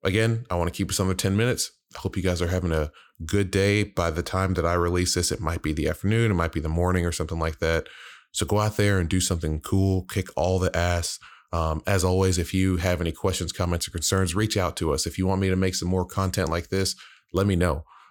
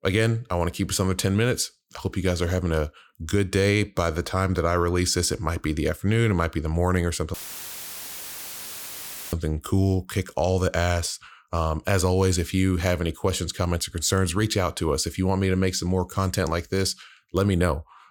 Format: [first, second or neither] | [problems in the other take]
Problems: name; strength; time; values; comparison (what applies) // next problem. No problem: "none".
first | audio cutting out; filled with static; at 7.5 s for 2 s